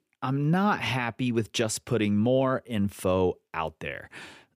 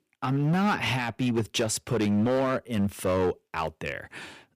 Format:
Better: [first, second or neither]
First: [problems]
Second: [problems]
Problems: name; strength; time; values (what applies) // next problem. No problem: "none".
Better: first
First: none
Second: distortion; slight; 10% of the sound clipped